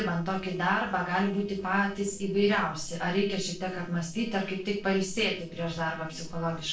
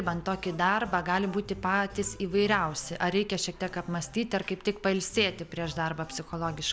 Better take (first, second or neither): second